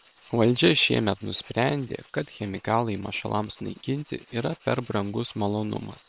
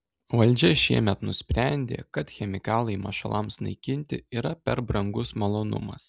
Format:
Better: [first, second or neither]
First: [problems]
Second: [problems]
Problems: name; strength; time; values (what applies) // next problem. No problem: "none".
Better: second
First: noise reduction (neural separator model SepFormer WHAM!)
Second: none